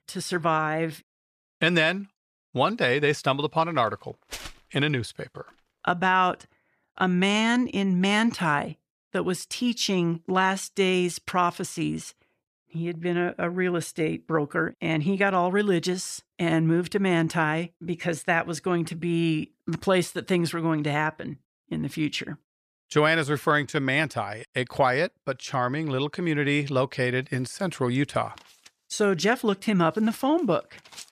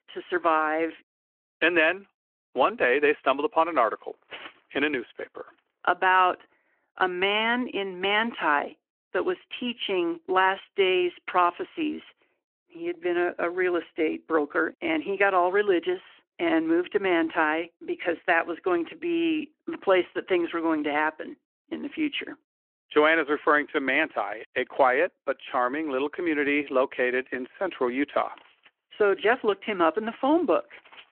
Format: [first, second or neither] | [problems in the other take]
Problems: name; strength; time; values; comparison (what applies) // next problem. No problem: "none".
first | phone-call audio